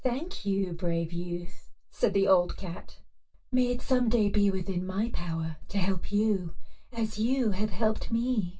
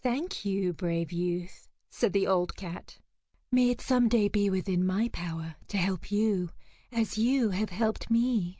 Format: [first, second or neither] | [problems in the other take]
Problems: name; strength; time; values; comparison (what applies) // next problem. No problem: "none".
second | room echo; dies away in 0.1 s